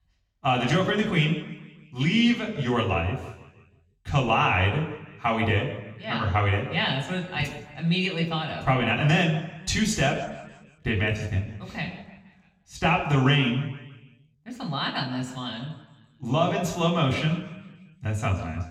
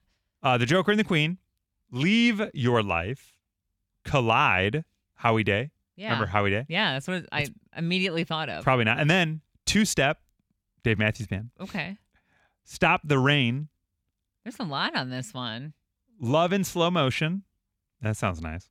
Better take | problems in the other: second | room echo; slight; dies away in 1.1 s // off-mic speech; far

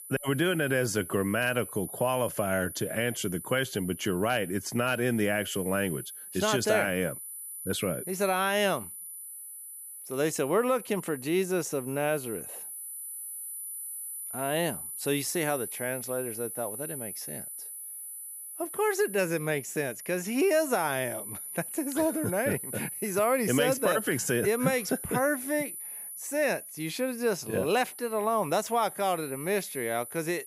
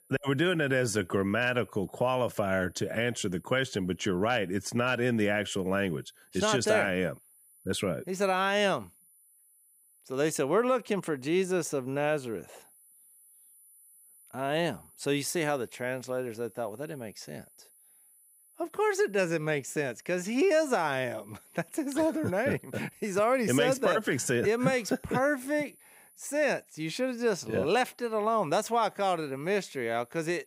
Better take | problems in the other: second | high-pitched whine; loud; throughout; 10 kHz, 9 dB below the speech; faint in the second

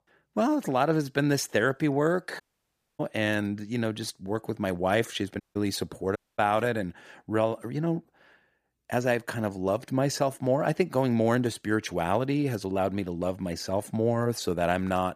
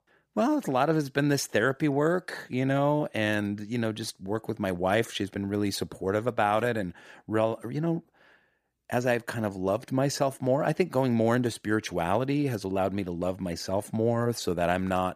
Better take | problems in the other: second | audio cutting out; at 2.5 s for 0.5 s, at 5.5 s and at 6 s

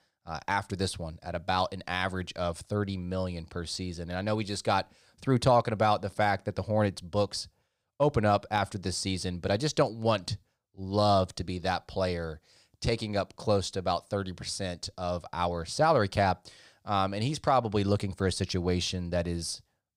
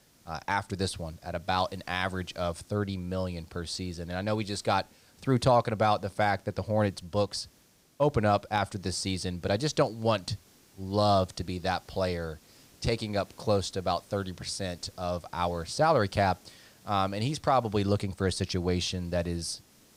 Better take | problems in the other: first | hiss; faint; throughout; 30 dB below the speech

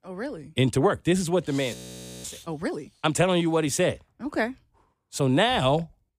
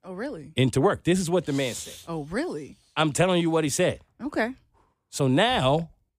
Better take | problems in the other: second | audio freezing; at 1.5 s for 0.5 s

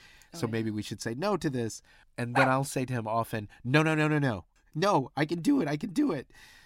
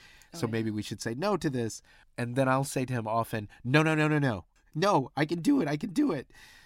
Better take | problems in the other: second | dog barking; loud; at 2.5 s; peak 1 dB above the speech

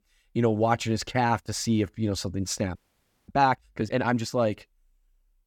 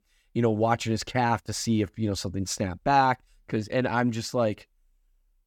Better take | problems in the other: second | audio freezing; at 3 s for 0.5 s

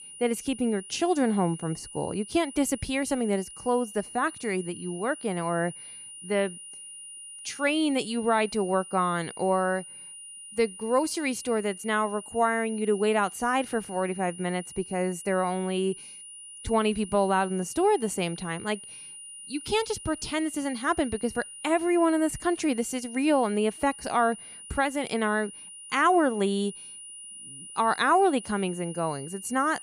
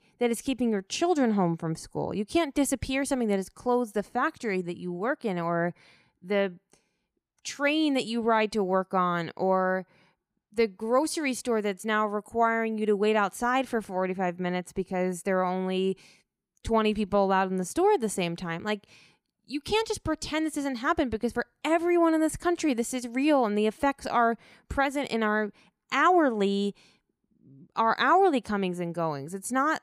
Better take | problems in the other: second | high-pitched whine; noticeable; throughout; 9.5 kHz, 15 dB below the speech

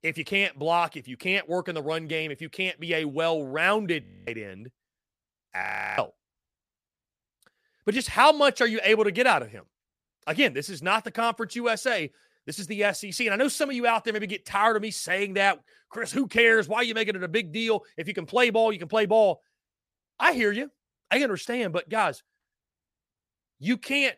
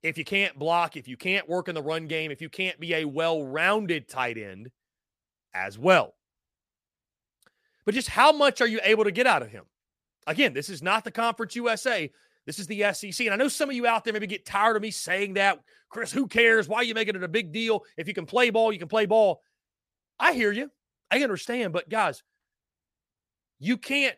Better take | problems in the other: second | audio freezing; at 4 s and at 5.5 s

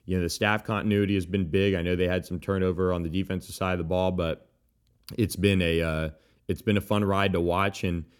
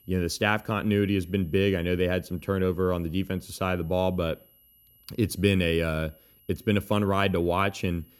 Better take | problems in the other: first | high-pitched whine; faint; throughout; 12 kHz, 30 dB below the speech

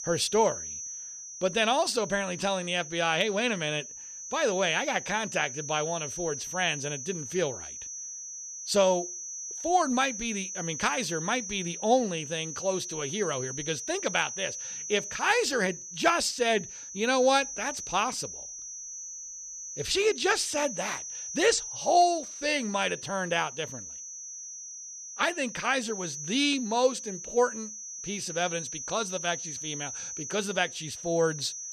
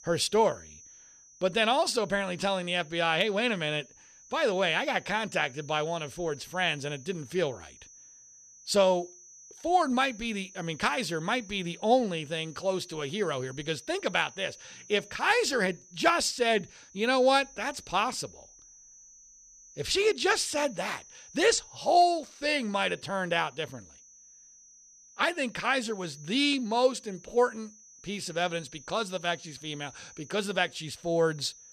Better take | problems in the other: second | high-pitched whine; loud; throughout; 6 kHz, 8 dB below the speech; faint in the second

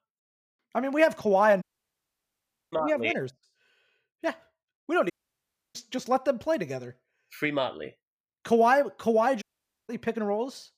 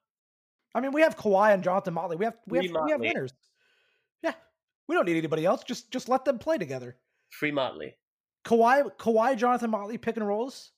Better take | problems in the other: second | audio cutting out; at 1.5 s for 1 s, at 5 s for 0.5 s and at 9.5 s

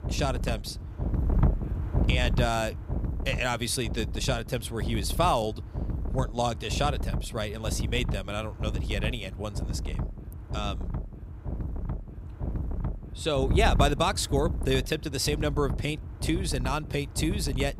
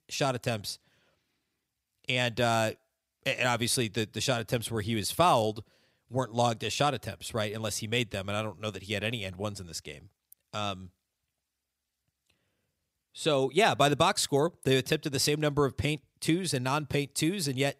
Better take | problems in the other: second | wind noise on the microphone; occasional gusts; 15 dB below the speech

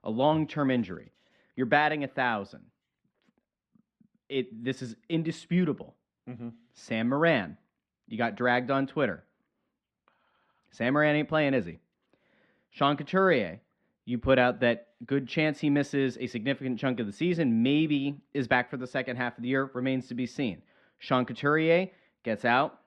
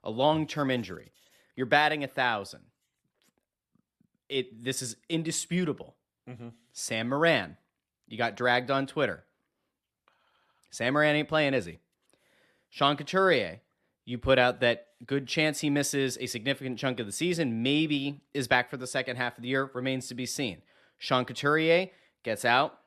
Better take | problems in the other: second | muffled; slightly; fading above 2.5 kHz

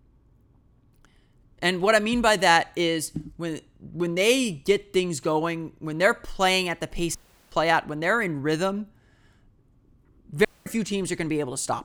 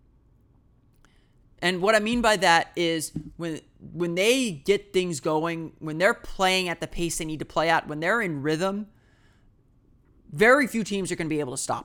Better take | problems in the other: second | audio cutting out; at 7 s and at 10 s

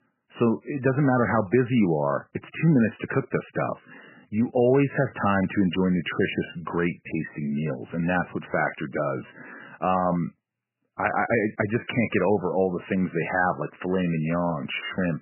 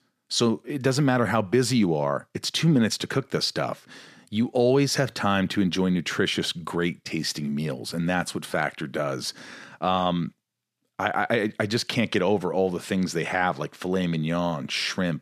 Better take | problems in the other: second | garbled, watery; badly; nothing above 3 kHz

